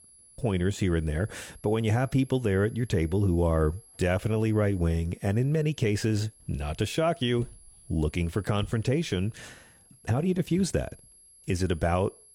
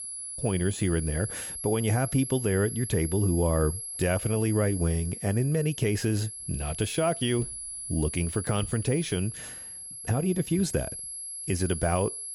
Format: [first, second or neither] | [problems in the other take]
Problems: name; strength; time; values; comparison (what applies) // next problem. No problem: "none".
first | high-pitched whine; loud; throughout; 11 kHz, 7 dB below the speech; faint in the first